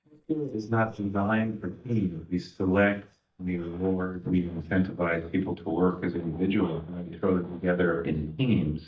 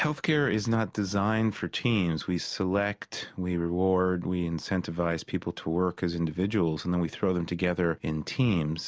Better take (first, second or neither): second